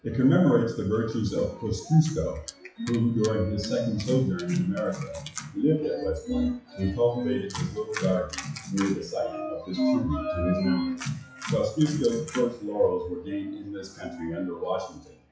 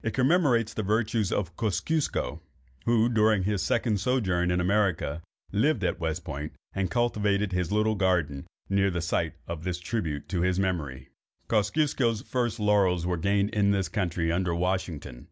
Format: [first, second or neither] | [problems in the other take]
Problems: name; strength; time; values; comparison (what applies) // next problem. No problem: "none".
second | noise reduction (classical method WPE with log-MMSE)